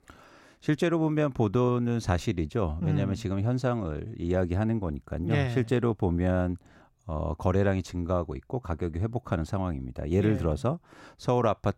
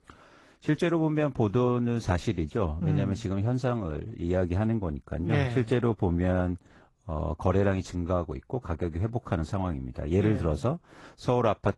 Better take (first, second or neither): first